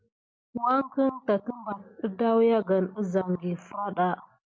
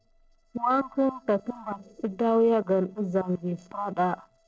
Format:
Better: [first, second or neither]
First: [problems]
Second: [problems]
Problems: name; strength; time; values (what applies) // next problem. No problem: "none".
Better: first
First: none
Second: noise reduction (neural separator model SepFormer DNS4)